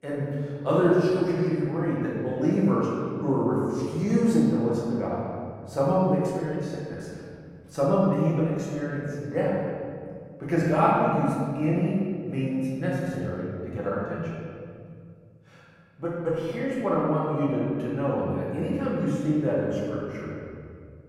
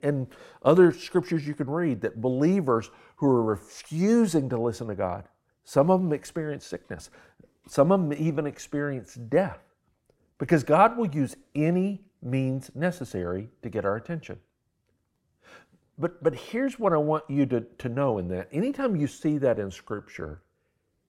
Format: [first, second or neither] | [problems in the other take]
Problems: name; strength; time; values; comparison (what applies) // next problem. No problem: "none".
second | off-mic speech; far // room echo; strong; dies away in 2 s